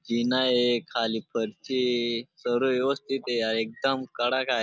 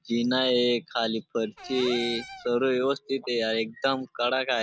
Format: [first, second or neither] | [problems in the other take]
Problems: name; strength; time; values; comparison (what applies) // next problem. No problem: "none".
first | background sound (Cupboard open or close / Door); 15 dB below the speech